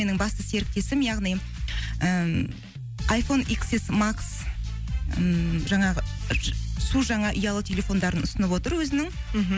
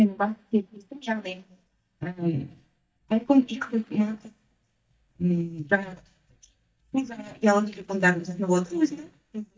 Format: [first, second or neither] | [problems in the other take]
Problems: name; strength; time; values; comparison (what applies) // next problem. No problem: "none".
first | noise reduction (neural mask model DeepFilterNet 3)